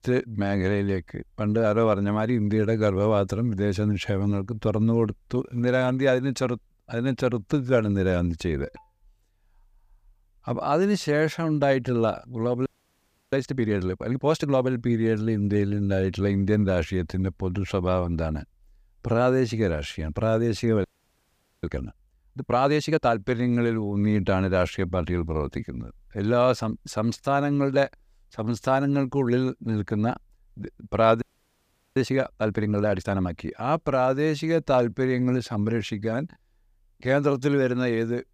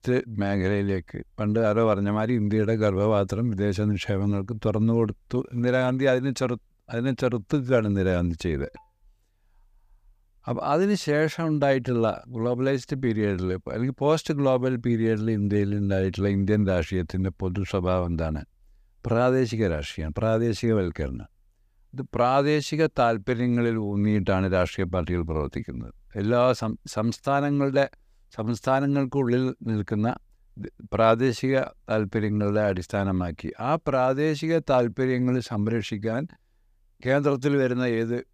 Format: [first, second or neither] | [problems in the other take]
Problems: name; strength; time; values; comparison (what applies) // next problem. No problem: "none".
second | audio freezing; at 13 s for 0.5 s, at 21 s for 1 s and at 31 s for 0.5 s